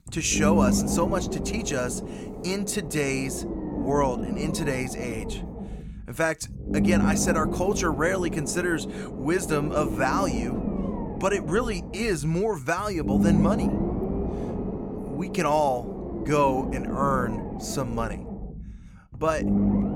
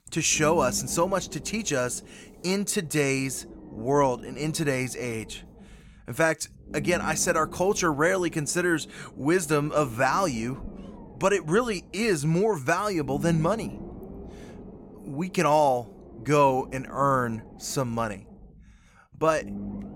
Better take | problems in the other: second | low rumble; loud; throughout; 7 dB below the speech; faint in the second

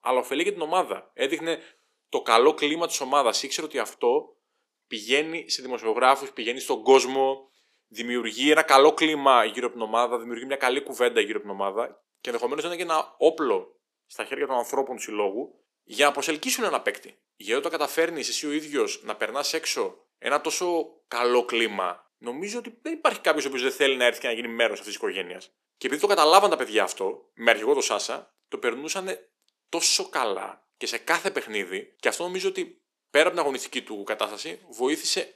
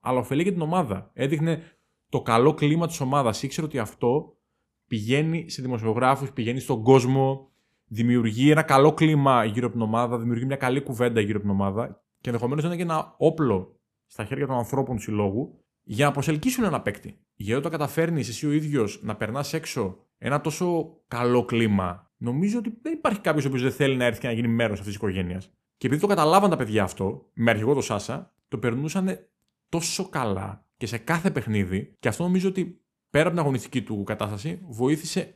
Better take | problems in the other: second | thin; somewhat; fading below 350 Hz

